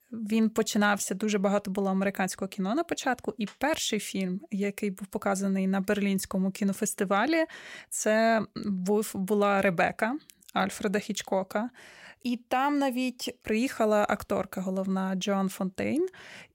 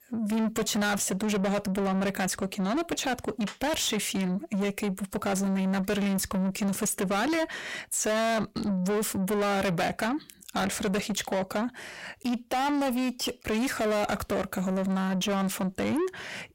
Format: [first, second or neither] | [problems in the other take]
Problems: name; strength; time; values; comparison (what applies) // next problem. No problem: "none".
first | distortion; heavy; 7 dB below the speech